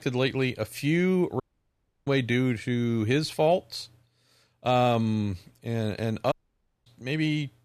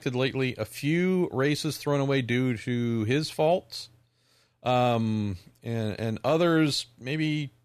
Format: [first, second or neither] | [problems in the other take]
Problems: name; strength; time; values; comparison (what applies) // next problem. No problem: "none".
second | audio cutting out; at 1.5 s for 0.5 s and at 6.5 s for 0.5 s